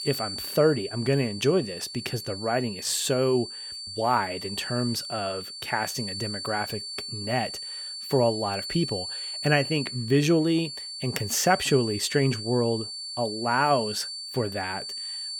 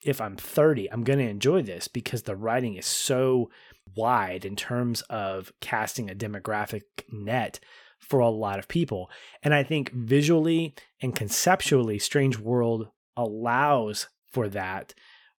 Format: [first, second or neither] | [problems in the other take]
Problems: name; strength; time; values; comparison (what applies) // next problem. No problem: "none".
second | high-pitched whine; loud; throughout; 4.5 kHz, 7 dB below the speech